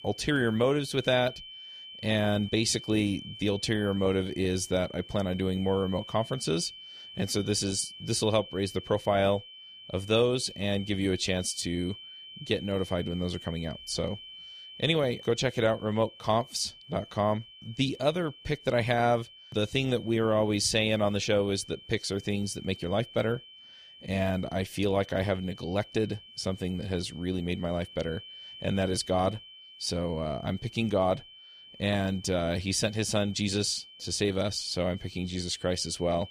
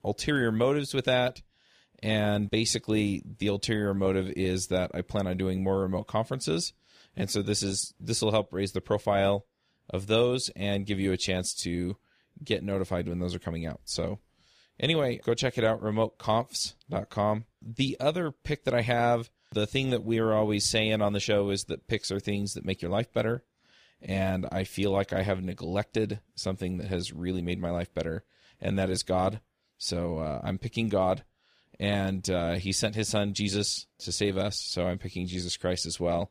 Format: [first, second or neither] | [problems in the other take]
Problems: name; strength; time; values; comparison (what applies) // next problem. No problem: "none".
second | high-pitched whine; noticeable; throughout; 3 kHz, 15 dB below the speech